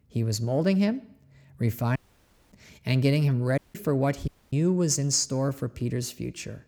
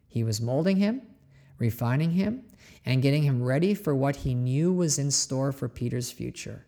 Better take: second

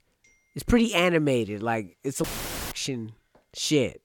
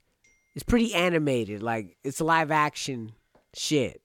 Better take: second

